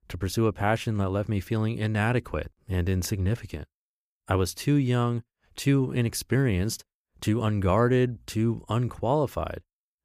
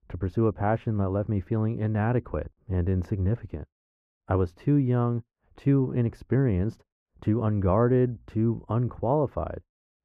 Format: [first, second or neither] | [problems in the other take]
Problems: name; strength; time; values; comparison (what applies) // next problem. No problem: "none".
first | muffled; very; fading above 2.5 kHz